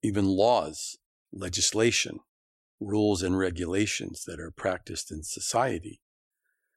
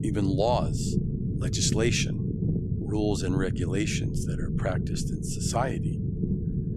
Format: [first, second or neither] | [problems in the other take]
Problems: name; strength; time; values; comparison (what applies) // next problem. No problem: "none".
first | low rumble; loud; throughout; 8 dB below the speech